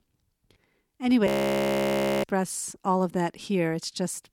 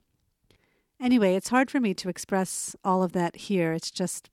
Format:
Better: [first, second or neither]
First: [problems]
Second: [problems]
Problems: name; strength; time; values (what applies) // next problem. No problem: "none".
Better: second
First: audio freezing; at 1.5 s for 1 s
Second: none